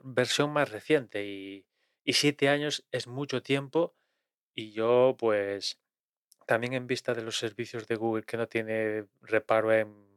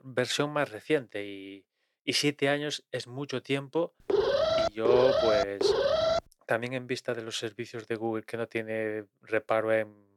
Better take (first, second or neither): first